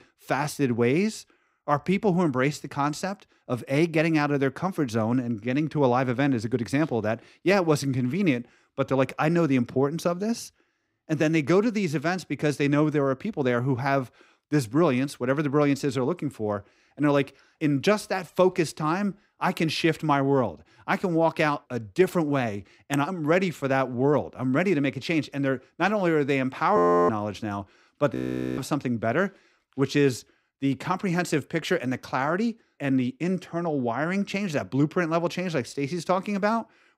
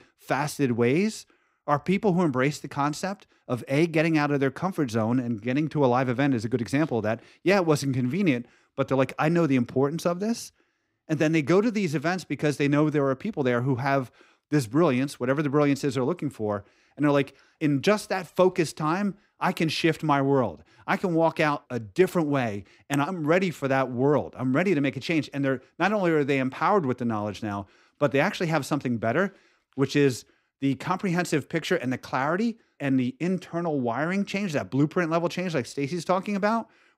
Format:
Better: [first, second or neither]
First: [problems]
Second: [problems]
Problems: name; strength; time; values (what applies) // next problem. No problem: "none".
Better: second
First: audio freezing; at 27 s and at 28 s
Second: none